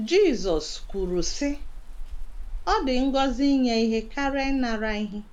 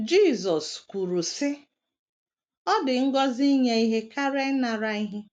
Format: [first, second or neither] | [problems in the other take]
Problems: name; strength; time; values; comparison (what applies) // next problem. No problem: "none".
second | background sound (Rain); 7 dB below the speech